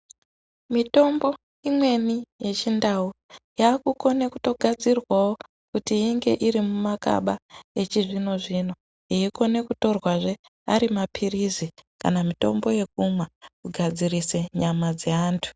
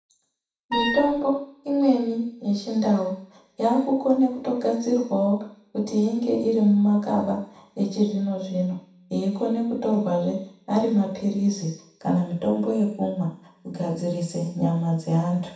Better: first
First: none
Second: background sound (Wind instrument, woodwind instrument); 4 dB below the speech // room echo; dies away in 0.7 s

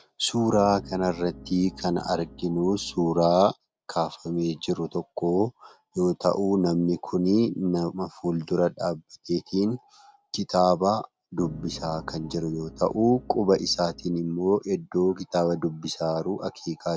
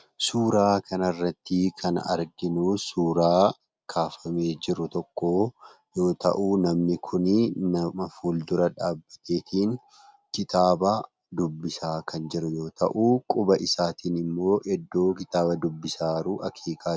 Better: second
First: background sound (Piano); 18 dB below the speech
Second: none

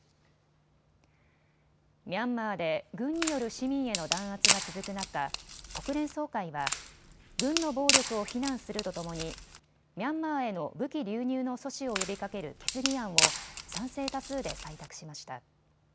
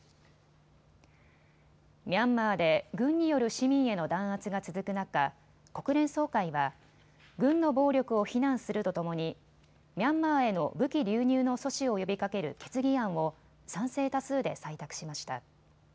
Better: second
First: background sound (Wood); 2 dB above the speech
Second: none

